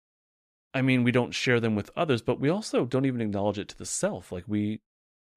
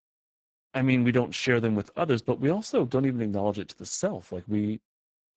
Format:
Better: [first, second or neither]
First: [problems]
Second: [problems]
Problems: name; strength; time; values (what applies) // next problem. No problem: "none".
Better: first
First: none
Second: garbled, watery; badly; nothing above 7.5 kHz